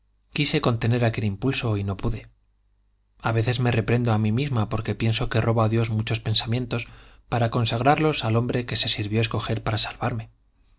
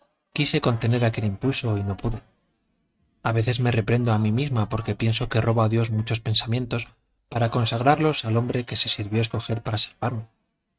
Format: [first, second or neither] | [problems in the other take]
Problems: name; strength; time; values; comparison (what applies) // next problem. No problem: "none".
first | noise reduction (neural mask model RNNoise)